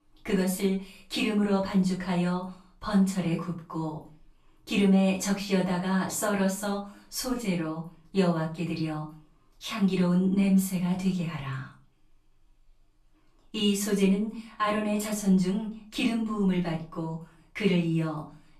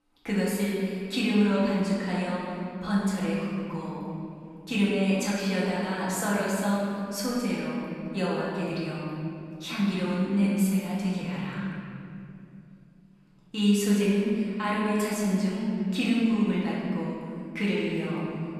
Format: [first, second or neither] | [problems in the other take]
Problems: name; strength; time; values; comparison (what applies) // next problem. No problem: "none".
first | room echo; strong; dies away in 2.6 s; slight in the first // off-mic speech; far; far in the first